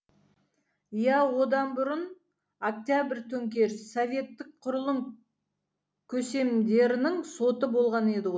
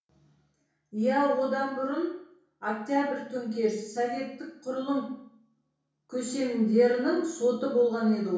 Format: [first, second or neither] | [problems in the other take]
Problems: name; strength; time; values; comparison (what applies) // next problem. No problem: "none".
first | room echo; dies away in 0.6 s